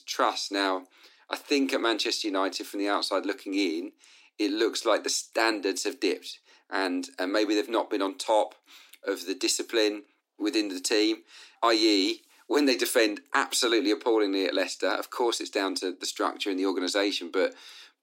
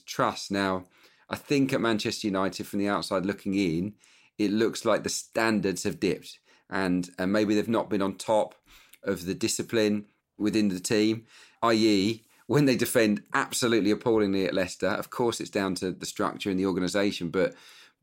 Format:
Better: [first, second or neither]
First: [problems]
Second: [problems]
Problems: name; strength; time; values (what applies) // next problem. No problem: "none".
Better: second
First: thin; very slightly; fading below 300 Hz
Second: none